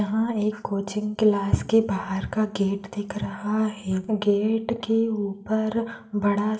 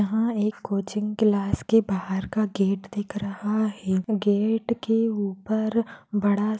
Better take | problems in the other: second | room echo; dies away in 0.7 s

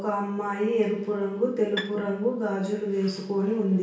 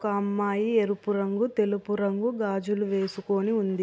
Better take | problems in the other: second | background sound (Bowed string instrument); 13 dB below the speech // room echo; dies away in 0.6 s

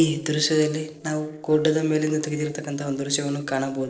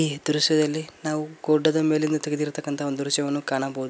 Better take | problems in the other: second | noise reduction (neural separator model SepFormer DNS4)

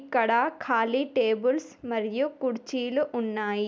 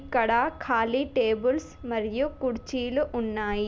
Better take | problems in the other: first | background sound (Truck); 17 dB below the speech

